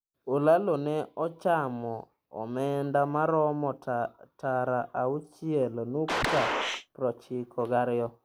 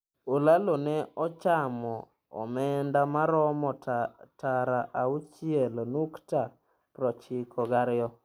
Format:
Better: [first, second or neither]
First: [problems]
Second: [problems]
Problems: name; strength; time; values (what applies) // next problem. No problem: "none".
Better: second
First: background sound (Gunshot, gunfire); 1 dB below the speech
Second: none